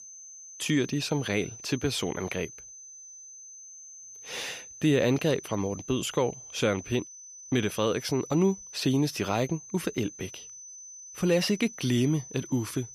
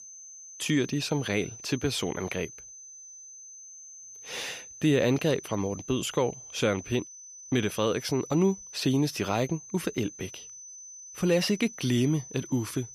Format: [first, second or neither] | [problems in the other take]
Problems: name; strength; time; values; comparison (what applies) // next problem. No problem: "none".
neither | high-pitched whine; noticeable; throughout; 6 kHz, 15 dB below the speech; the same in both